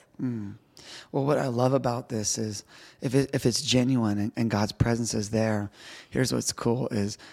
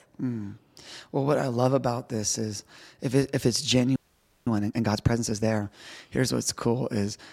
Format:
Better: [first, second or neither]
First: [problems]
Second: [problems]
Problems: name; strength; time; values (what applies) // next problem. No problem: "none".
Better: first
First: none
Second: audio freezing; at 4 s for 0.5 s